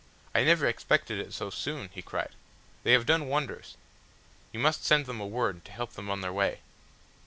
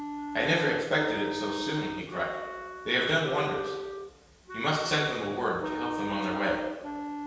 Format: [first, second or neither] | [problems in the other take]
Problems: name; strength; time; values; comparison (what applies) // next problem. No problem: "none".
first | background sound (Wind instrument, woodwind instrument); 6 dB below the speech // room echo; dies away in 1.2 s